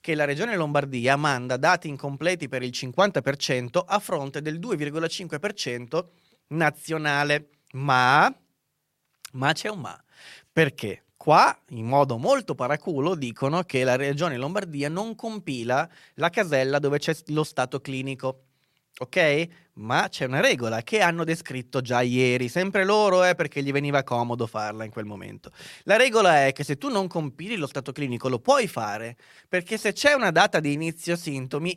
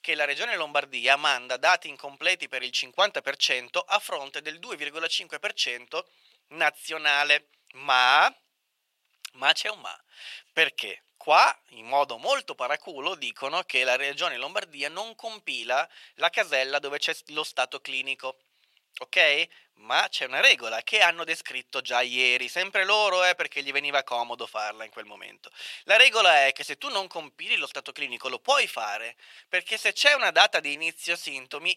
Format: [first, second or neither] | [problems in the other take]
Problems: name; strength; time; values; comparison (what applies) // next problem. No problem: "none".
first | thin; very; fading below 700 Hz